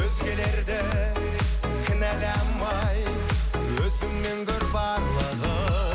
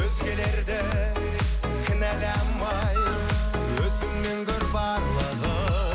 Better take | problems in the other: first | background sound (Wind instrument, woodwind instrument); 11 dB below the speech

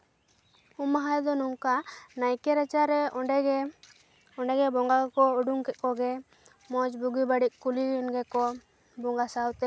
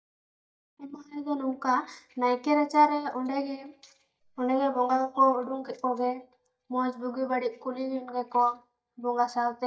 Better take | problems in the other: first | noise reduction (neural mask model DeepFilterNet 3)

